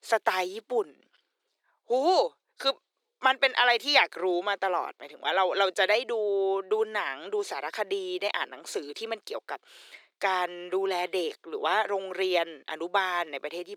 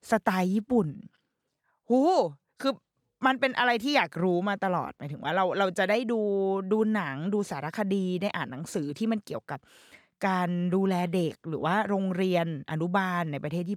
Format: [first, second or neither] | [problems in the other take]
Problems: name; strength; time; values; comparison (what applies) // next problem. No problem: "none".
second | thin; very; fading below 350 Hz